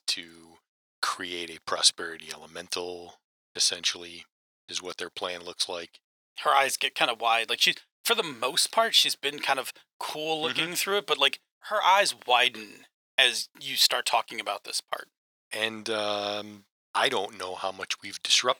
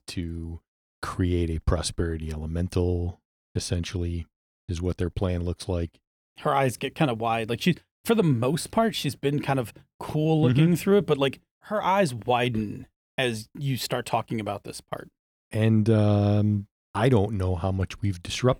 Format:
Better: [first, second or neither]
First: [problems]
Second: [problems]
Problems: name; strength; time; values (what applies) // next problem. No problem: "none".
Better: second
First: thin; very; fading below 900 Hz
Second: none